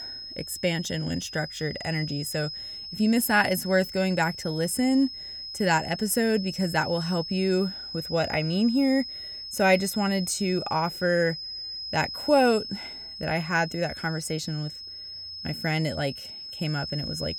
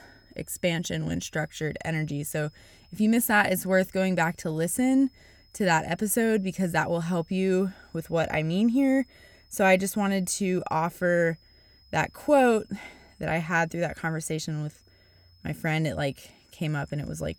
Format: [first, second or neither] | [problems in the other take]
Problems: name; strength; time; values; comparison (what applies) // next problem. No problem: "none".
second | high-pitched whine; loud; throughout; 5 kHz, 9 dB below the speech; faint in the second